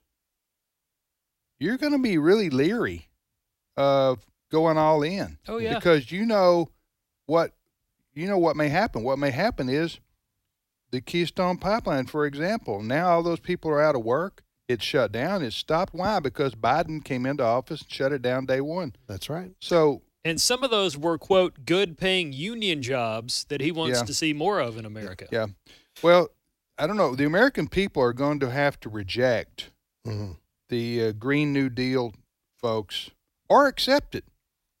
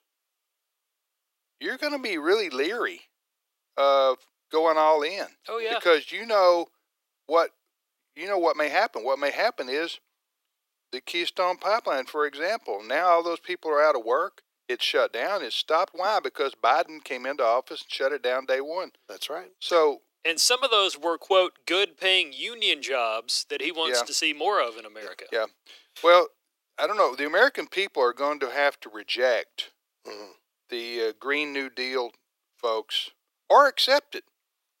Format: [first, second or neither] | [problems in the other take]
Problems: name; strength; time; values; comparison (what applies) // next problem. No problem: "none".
first | thin; very; fading below 400 Hz